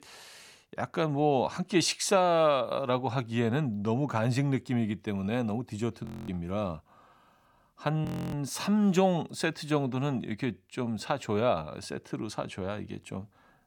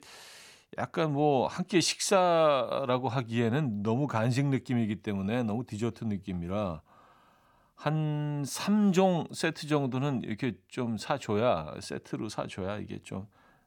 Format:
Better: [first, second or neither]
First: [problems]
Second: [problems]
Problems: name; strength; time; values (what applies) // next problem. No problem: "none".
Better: second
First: audio freezing; at 6 s and at 8 s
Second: none